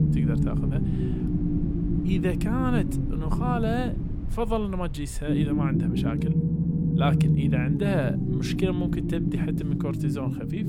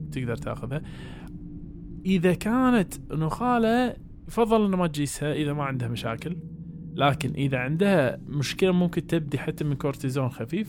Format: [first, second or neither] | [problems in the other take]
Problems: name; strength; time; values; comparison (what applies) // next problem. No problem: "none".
second | low rumble; loud; throughout; 1 dB below the speech; faint in the second